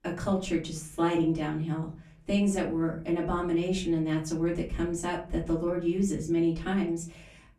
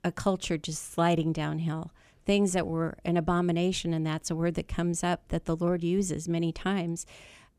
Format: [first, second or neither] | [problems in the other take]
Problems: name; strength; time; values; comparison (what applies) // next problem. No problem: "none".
second | off-mic speech; far // room echo; very slight; dies away in 0.4 s